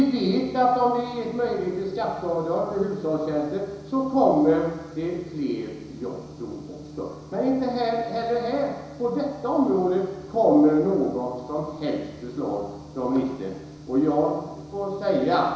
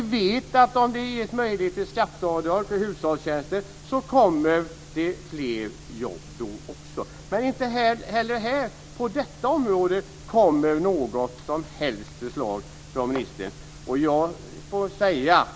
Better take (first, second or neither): second